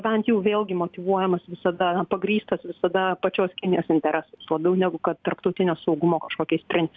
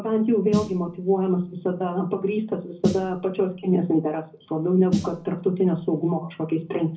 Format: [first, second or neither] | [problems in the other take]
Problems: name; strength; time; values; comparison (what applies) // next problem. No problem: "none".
first | background sound (Snare drum); 9 dB below the speech // room echo; dies away in 0.4 s